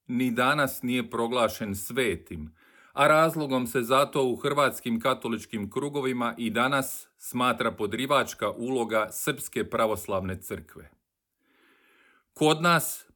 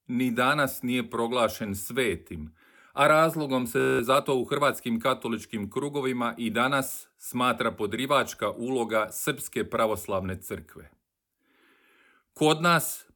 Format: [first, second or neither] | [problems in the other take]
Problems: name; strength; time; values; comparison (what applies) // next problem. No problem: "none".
first | audio freezing; at 4 s